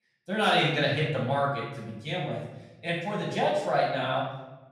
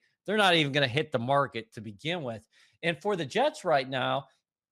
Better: second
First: off-mic speech; far // room echo; noticeable; dies away in 0.9 s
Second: none

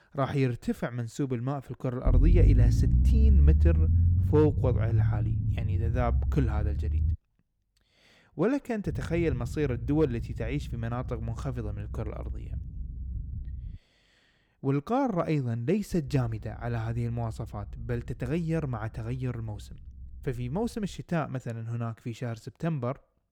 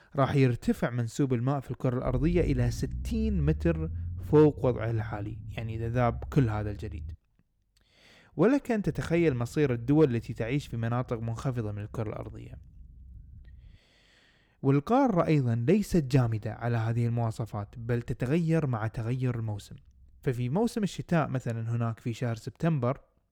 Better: second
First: low rumble; loud; from 2 to 7 s, from 9 to 14 s and from 16 to 21 s; 9 dB below the speech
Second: low rumble; faint; from 2 to 7 s, from 9 to 14 s and from 16 to 21 s; 25 dB below the speech

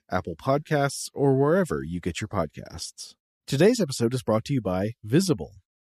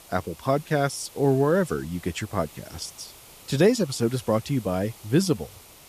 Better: first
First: none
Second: hiss; faint; throughout; 20 dB below the speech

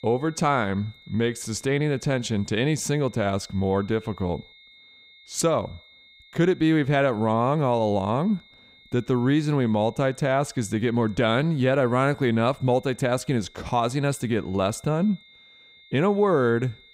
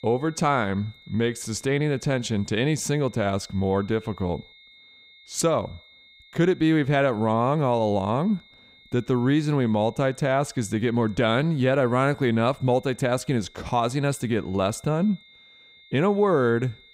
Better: neither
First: high-pitched whine; faint; throughout; 3.5 kHz, 25 dB below the speech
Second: high-pitched whine; faint; throughout; 3.5 kHz, 25 dB below the speech

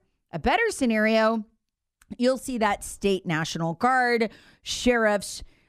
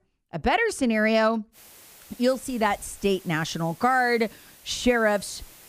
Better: first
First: none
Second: hiss; faint; from 1.5 s on; 25 dB below the speech

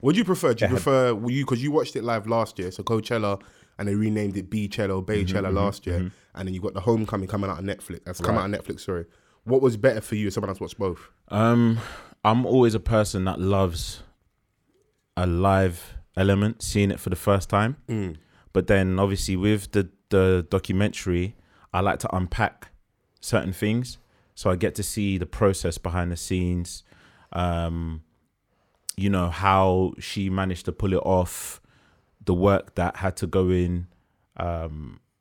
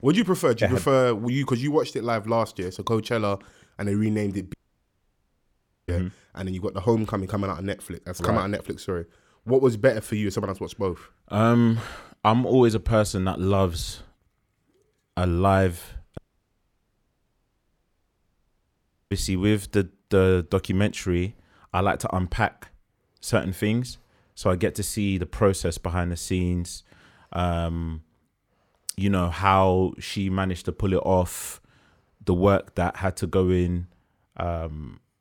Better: first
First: none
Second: audio cutting out; at 4.5 s for 1.5 s and at 16 s for 3 s

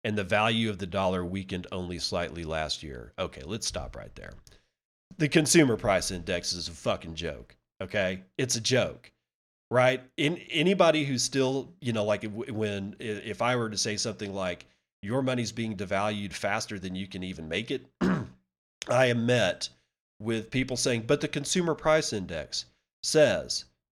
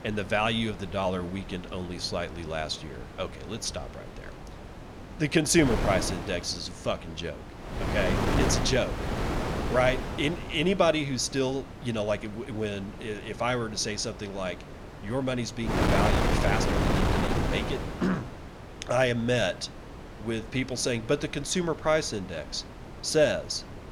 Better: first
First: none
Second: wind noise on the microphone; heavy; 5 dB below the speech

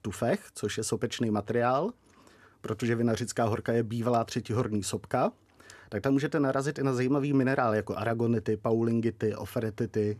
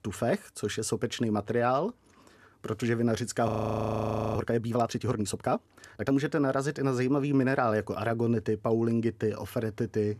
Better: first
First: none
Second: audio freezing; at 3.5 s for 1 s

